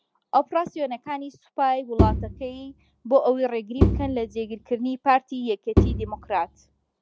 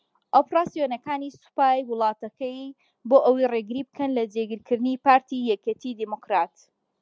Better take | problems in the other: second | background sound (Bowed string instrument); 1 dB above the speech

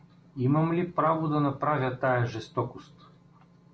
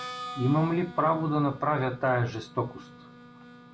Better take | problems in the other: first | background sound (Harmonica); 16 dB below the speech

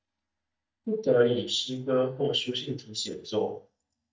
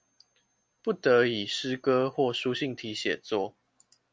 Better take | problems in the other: second | noise reduction (neural mask model DeepFilterNet 3)

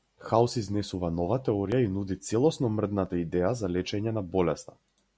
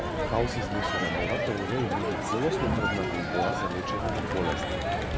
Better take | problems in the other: first | background sound (Crowd); 3 dB above the speech

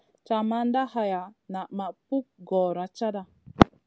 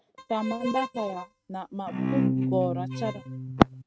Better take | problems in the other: first | noise reduction (neural mask model RNNoise)

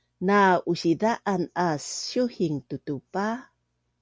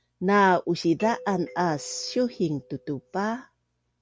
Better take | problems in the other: first | background sound (Doorbell); 19 dB below the speech

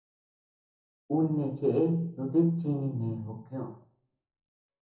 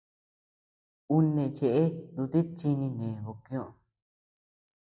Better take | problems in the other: second | room echo; dies away in 0.7 s

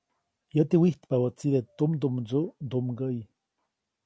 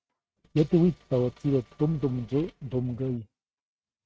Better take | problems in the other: first | noise reduction (neural mask model RNNoise)

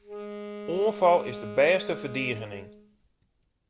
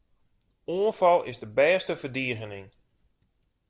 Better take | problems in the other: second | background sound (Wind instrument, woodwind instrument); 12 dB below the speech

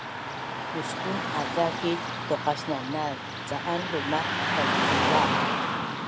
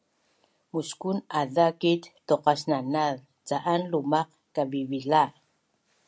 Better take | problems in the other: second | background sound (Car passing by / Traffic noise, roadway noise); 3 dB above the speech

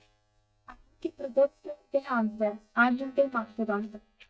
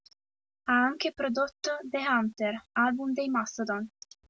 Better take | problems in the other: second | noise reduction (neural mask model DeepFilterNet 3)

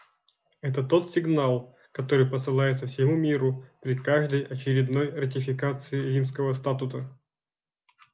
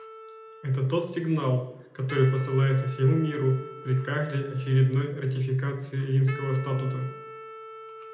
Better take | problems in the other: first | background sound (Wind instrument, woodwind instrument); 17 dB below the speech // room echo; dies away in 0.7 s

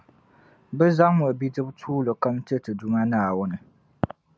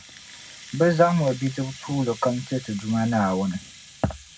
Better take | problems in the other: first | background sound (Rattle (instrument)); 19 dB below the speech // room echo; dies away in 0.3 s

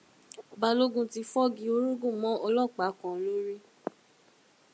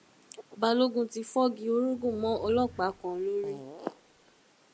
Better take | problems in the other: first | background sound (Fart / Drawer open or close); 18 dB below the speech

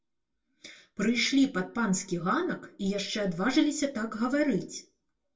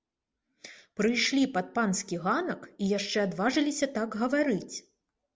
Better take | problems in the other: second | room echo; dies away in 0.2 s

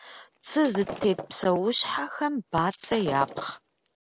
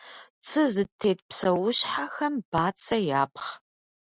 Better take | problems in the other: second | background sound (Shatter); 12 dB below the speech

